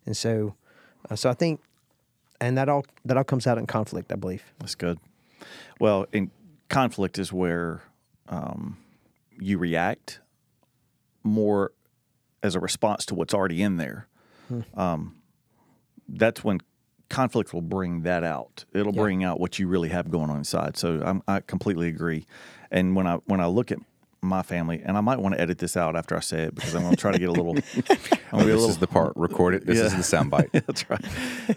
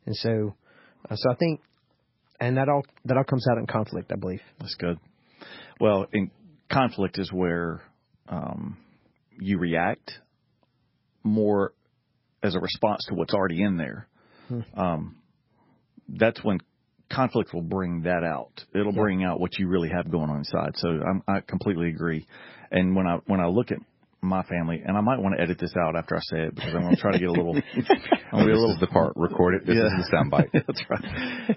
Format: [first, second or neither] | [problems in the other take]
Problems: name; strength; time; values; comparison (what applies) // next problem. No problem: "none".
first | garbled, watery; badly; nothing above 5.5 kHz